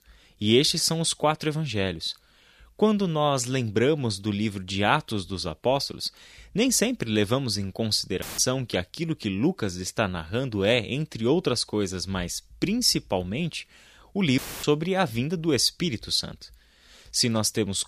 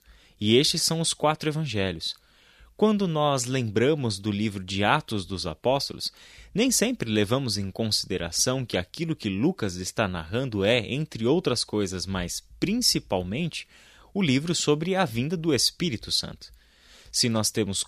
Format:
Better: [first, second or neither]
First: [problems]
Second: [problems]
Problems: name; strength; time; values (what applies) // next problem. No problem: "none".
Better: second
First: audio cutting out; filled with static; at 8 s and at 14 s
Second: none